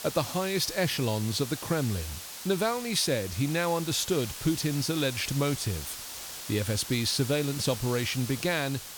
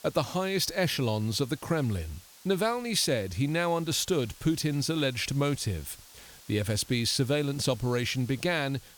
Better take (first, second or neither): second